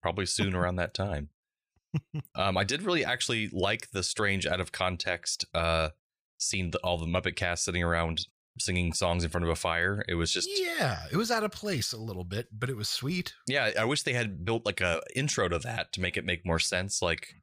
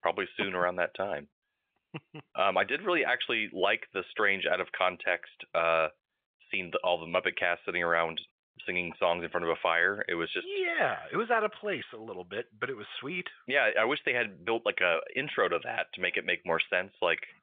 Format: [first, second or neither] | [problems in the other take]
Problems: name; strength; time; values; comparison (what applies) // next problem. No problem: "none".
first | phone-call audio; nothing above 3.5 kHz